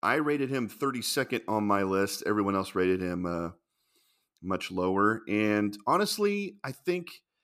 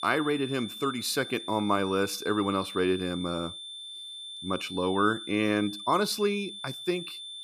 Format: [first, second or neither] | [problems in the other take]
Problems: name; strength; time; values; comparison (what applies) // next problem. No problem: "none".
first | high-pitched whine; loud; throughout; 3.5 kHz, 10 dB below the speech